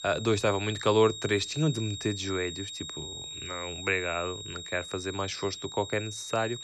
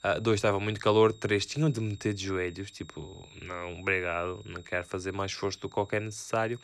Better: second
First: high-pitched whine; loud; throughout; 4 kHz, 8 dB below the speech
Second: high-pitched whine; faint; throughout; 4 kHz, 25 dB below the speech

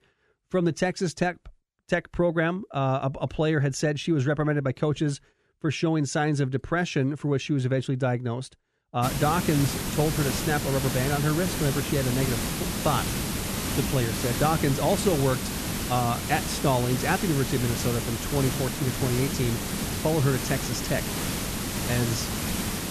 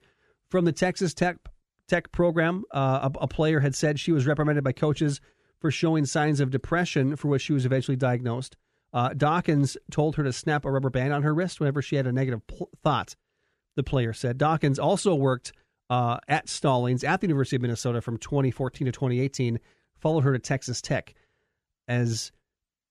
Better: second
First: hiss; loud; from 9 s on; 3 dB below the speech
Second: none

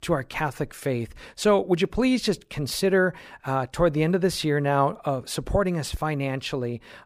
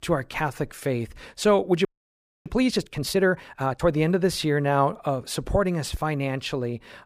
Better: first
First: none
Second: audio freezing; at 2 s for 0.5 s

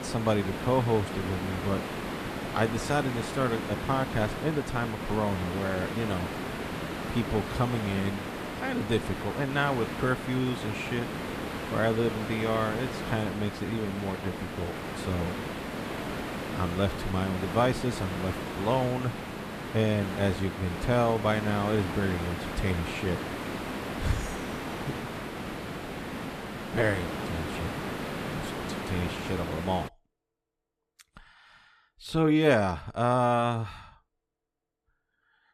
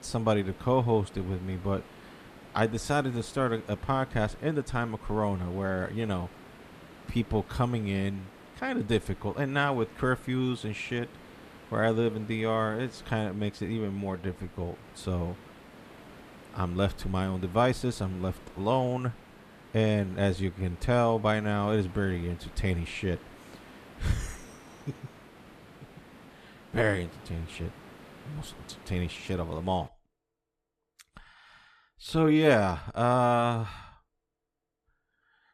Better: second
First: hiss; loud; until 30 s; 5 dB below the speech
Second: hiss; faint; until 30 s; 20 dB below the speech

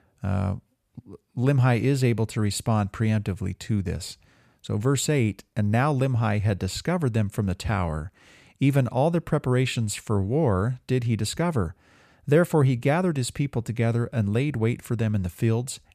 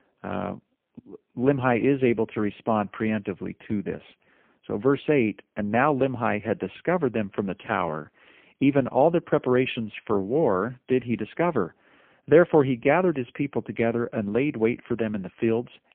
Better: first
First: none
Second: phone-call audio; poor line; nothing above 3 kHz

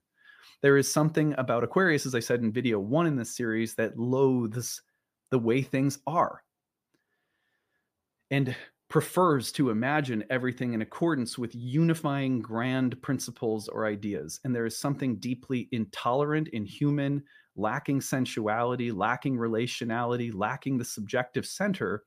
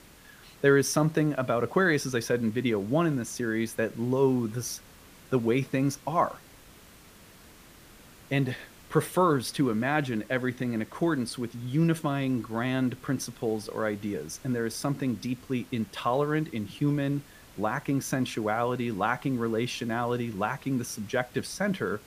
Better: first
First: none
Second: hiss; faint; throughout; 25 dB below the speech

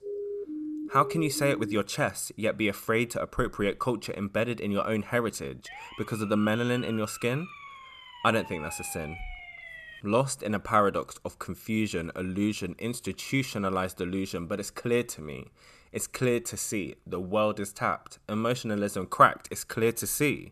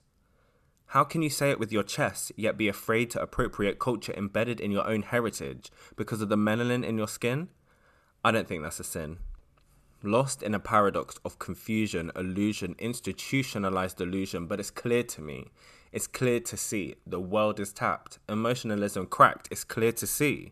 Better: second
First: siren; noticeable; until 2 s; peak 6 dB below the speech // siren; faint; from 5.5 to 10 s; peak 10 dB below the speech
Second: none

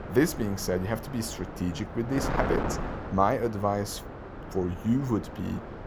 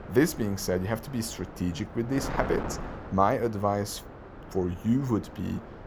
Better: second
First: wind noise on the microphone; heavy; 7 dB below the speech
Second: wind noise on the microphone; occasional gusts; 10 dB below the speech

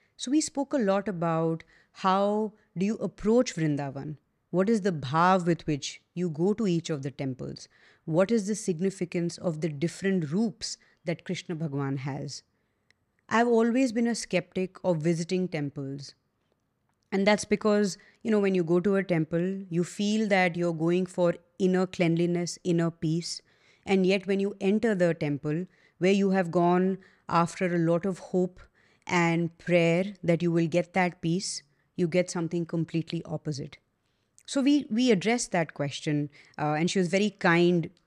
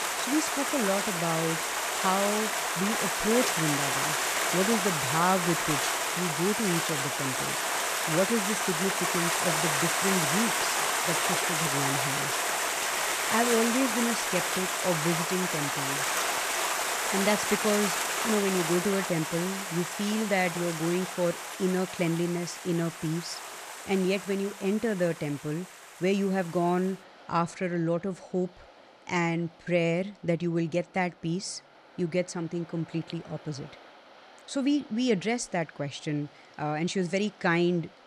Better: first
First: none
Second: rain or running water; very loud; throughout; 2 dB above the speech

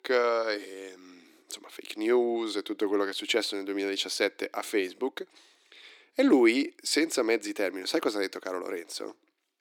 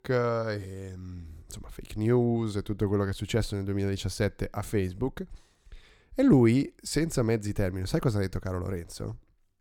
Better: second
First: thin; somewhat; fading below 300 Hz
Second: none

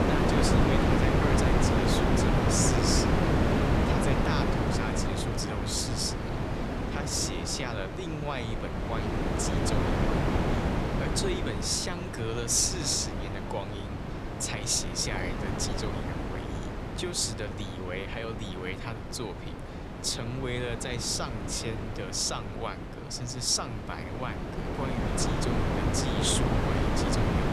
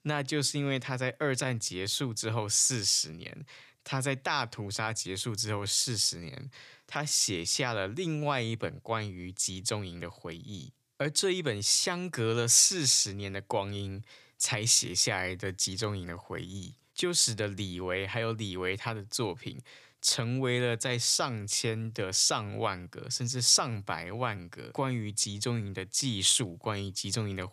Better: second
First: wind noise on the microphone; heavy; 1 dB above the speech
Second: none

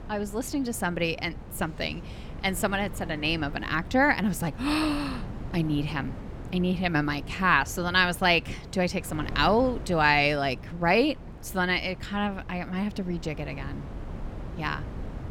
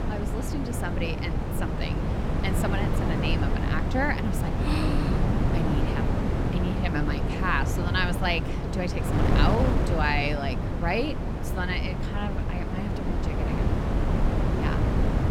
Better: first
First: wind noise on the microphone; occasional gusts; 20 dB below the speech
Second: wind noise on the microphone; heavy; 2 dB below the speech

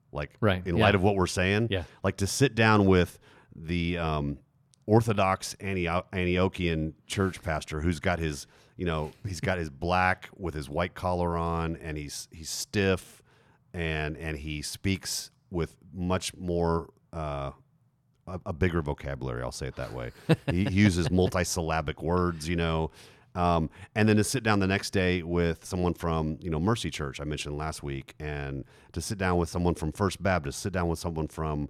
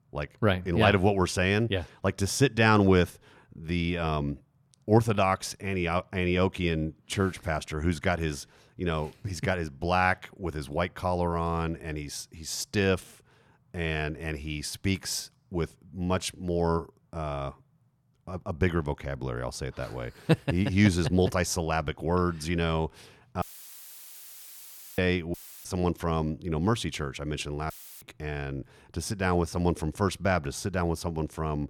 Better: first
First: none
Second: audio cutting out; filled with static; at 23 s for 1.5 s, at 25 s and at 28 s

